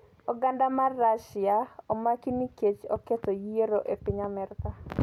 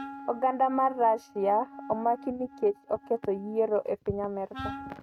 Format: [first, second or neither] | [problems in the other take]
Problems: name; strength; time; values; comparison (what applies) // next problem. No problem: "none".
first | noise reduction (neural mask model RNNoise)